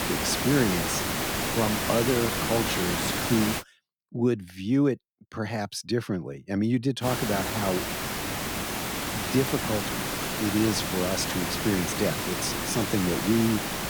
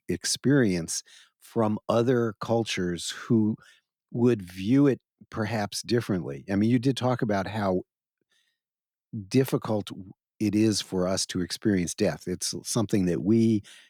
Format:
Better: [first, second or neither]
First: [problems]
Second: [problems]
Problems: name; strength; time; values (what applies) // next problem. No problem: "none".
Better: second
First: hiss; loud; until 3.5 s and from 7 s on; as loud as the speech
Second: none